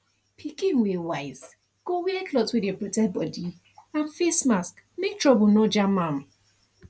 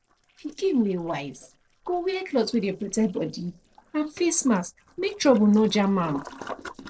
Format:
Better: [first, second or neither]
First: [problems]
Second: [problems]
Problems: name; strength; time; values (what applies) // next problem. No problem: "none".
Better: first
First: none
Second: noise reduction (neural separator model SepFormer DNS4)